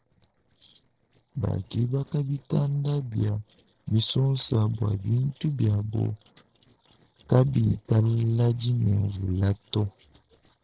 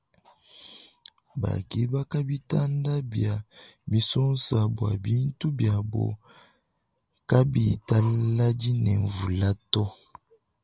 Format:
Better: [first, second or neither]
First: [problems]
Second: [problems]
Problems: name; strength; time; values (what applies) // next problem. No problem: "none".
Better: second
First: noise reduction (neural separator model SepFormer DNS4)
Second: none